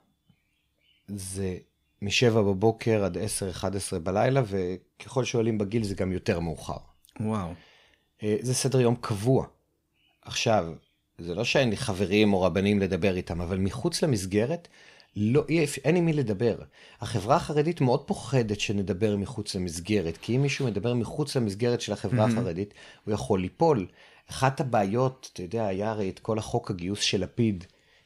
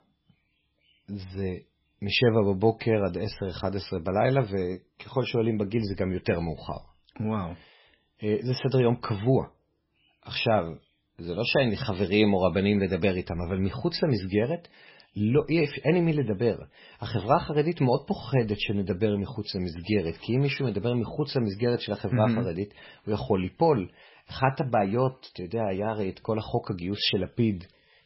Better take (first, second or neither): first